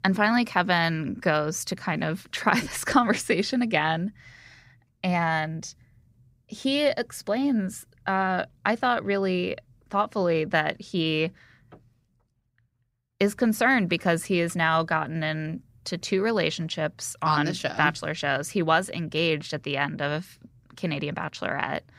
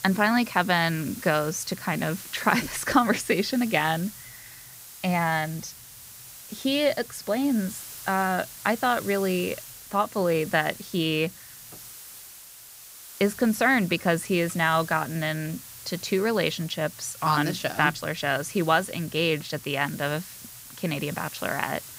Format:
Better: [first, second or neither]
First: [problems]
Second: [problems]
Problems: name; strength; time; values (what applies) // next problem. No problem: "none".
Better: first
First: none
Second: hiss; noticeable; throughout; 15 dB below the speech